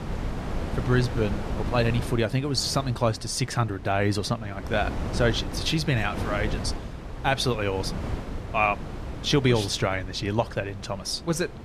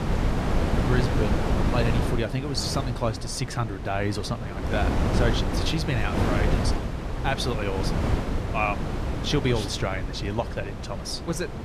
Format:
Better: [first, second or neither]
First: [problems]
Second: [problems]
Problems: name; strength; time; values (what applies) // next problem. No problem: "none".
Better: first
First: wind noise on the microphone; occasional gusts; 10 dB below the speech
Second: wind noise on the microphone; heavy; 2 dB below the speech